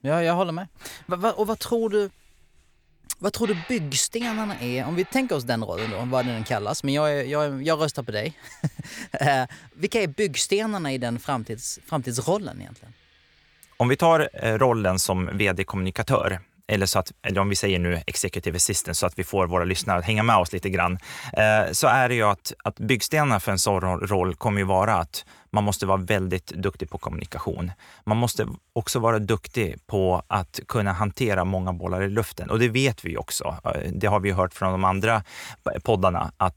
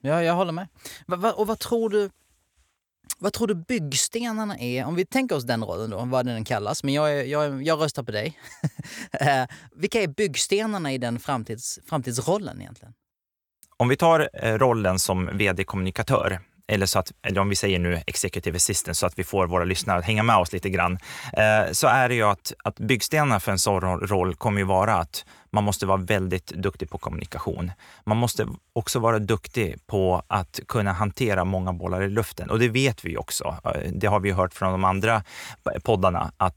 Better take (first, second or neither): second